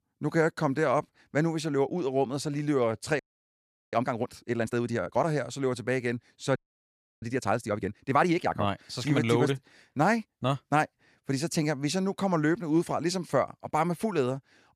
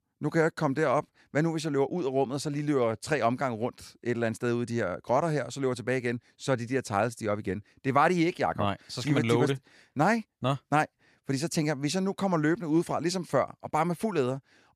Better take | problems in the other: second | audio freezing; at 3 s for 0.5 s and at 6.5 s for 0.5 s

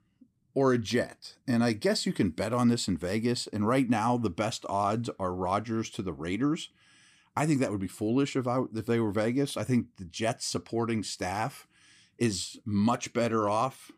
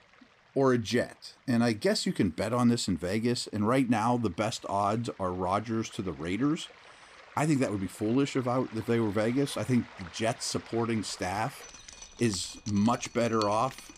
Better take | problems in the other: first | rain or running water; noticeable; throughout; 20 dB below the speech

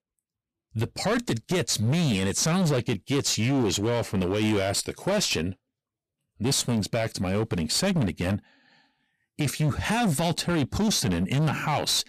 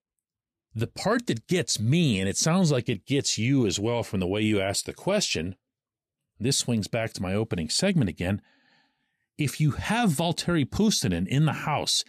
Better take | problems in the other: second | distortion; slight; 19% of the sound clipped

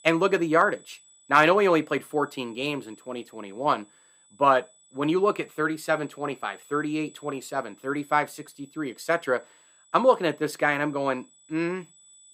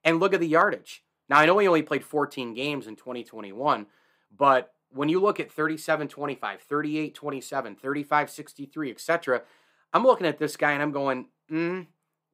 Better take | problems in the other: second | high-pitched whine; faint; throughout; 8 kHz, 30 dB below the speech

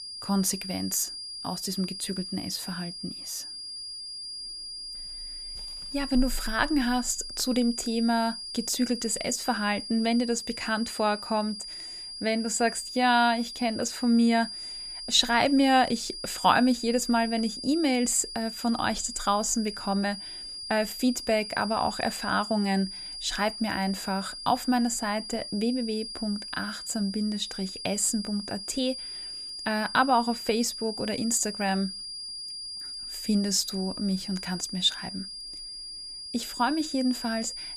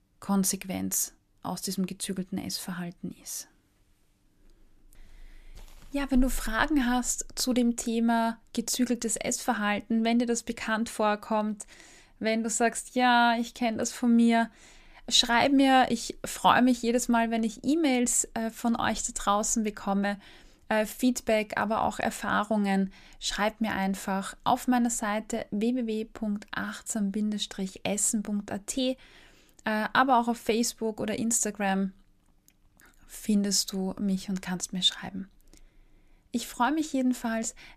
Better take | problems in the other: second | high-pitched whine; loud; throughout; 5 kHz, 8 dB below the speech

